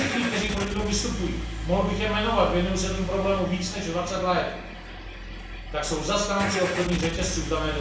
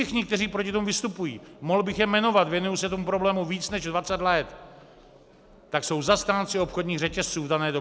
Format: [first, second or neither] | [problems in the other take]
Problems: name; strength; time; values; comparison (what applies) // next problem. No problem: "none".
second | background sound (Engine starting / Car); 5 dB below the speech // room echo; dies away in 0.6 s